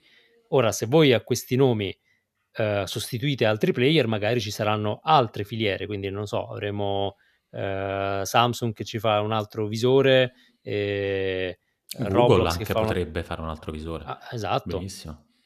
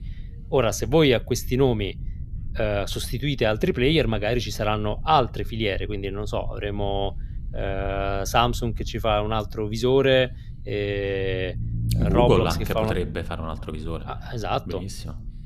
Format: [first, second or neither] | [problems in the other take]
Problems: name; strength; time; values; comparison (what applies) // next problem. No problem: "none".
first | low rumble; faint; throughout; 20 dB below the speech